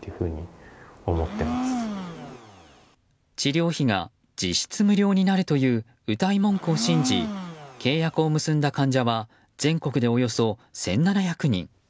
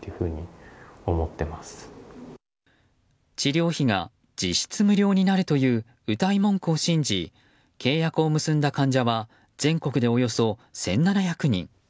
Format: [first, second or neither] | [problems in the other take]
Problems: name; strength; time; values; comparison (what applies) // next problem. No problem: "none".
second | background sound (Domestic sounds, home sounds); 7 dB below the speech